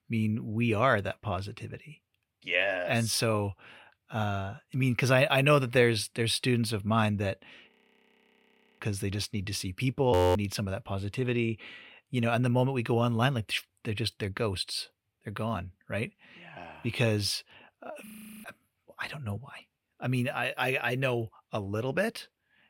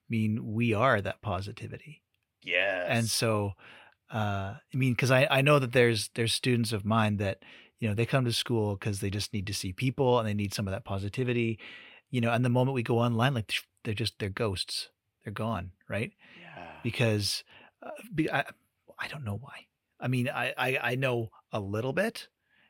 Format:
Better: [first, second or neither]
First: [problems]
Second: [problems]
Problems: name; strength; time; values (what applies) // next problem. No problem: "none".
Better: second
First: audio freezing; at 7.5 s for 1 s, at 10 s and at 18 s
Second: none